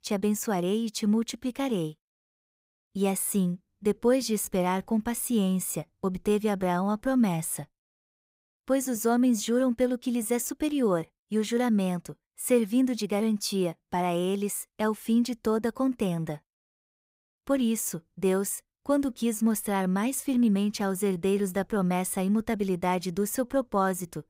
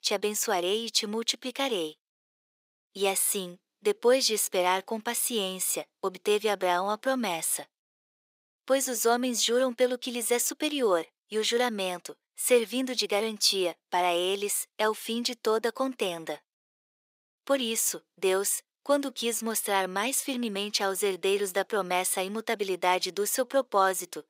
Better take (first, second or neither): first